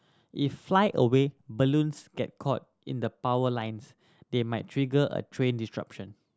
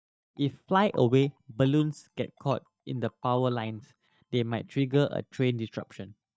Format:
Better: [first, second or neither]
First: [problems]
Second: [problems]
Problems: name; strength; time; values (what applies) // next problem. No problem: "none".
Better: first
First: none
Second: noise reduction (neural mask model DeepFilterNet 3)